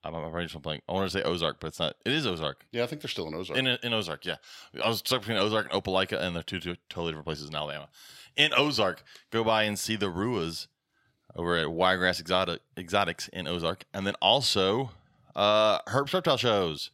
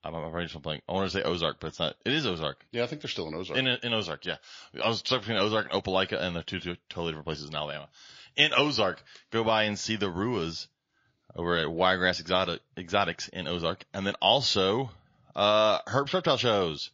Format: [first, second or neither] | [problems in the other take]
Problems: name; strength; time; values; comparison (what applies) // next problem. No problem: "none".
first | garbled, watery; slightly; nothing above 6.5 kHz